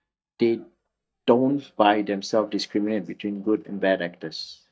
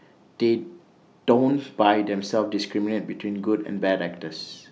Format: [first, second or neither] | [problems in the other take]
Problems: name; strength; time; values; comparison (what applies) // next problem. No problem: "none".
second | noise reduction (neural mask model DeepFilterNet 3)